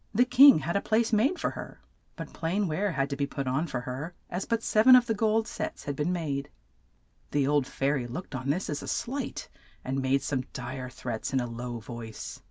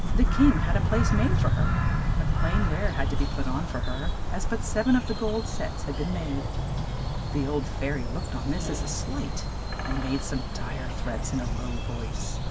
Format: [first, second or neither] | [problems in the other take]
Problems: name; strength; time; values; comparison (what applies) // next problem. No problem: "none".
first | background sound (Bird vocalization, bird call, bird song); 5 dB above the speech